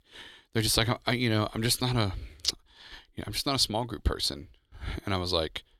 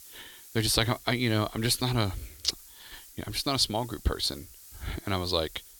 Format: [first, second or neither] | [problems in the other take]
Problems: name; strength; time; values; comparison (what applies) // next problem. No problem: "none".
first | hiss; noticeable; throughout; 20 dB below the speech